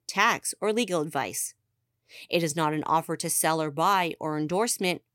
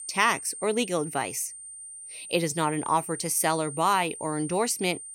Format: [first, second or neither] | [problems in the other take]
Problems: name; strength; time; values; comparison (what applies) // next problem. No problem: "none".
first | high-pitched whine; noticeable; throughout; 9 kHz, 10 dB below the speech